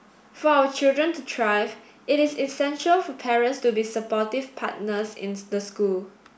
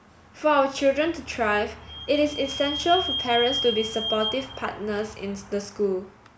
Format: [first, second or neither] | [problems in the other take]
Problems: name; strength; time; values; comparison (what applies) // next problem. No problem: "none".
first | background sound (Squeak / Vehicle); 8 dB below the speech